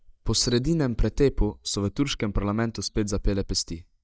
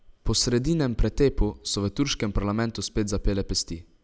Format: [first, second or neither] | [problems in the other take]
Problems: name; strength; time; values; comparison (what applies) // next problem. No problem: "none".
second | noise reduction (neural mask model DeepFilterNet 3)